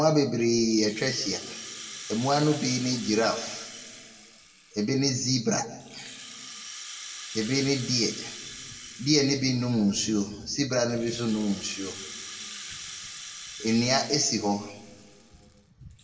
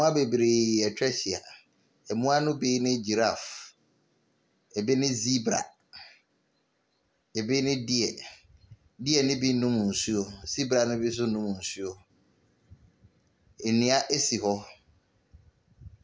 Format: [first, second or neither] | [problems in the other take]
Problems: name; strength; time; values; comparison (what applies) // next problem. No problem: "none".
second | background sound (Rattle (instrument)); 14 dB below the speech // room echo; dies away in 1.5 s